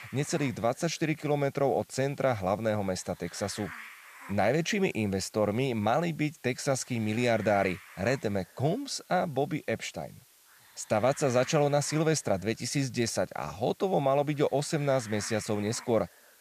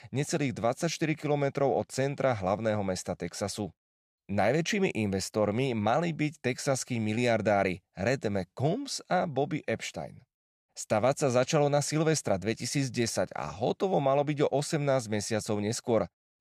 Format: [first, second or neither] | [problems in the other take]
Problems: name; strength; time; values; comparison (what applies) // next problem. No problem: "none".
second | hiss; faint; throughout; 20 dB below the speech